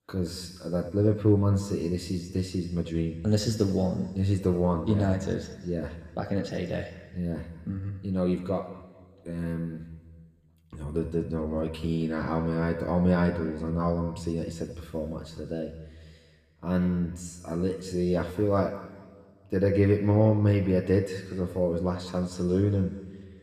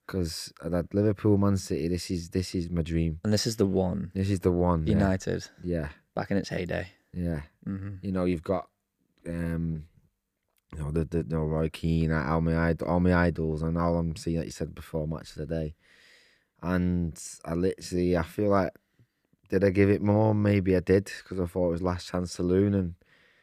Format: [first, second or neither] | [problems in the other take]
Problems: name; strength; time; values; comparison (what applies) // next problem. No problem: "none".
second | room echo; slight; dies away in 1.4 s // off-mic speech; somewhat distant